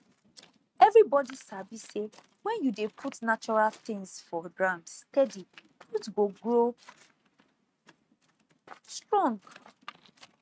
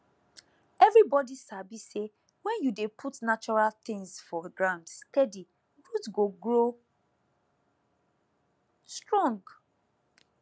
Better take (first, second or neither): second